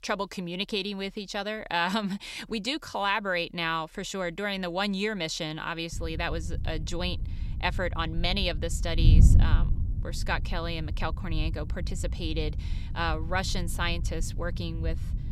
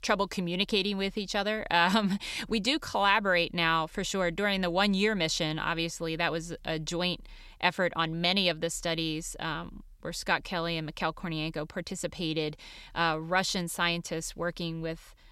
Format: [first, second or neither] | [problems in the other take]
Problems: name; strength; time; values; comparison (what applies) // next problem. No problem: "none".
second | wind noise on the microphone; occasional gusts; from 6 s on; 15 dB below the speech